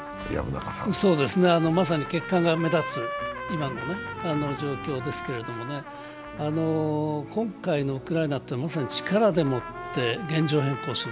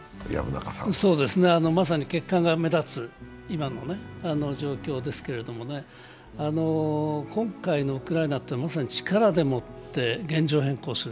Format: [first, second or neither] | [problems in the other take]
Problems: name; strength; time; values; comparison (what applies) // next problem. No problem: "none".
second | background sound (Trumpet); 11 dB below the speech